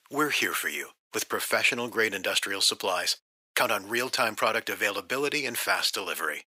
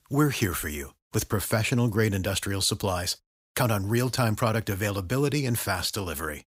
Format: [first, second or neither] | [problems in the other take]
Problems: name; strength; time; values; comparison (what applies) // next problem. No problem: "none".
second | thin; very; fading below 450 Hz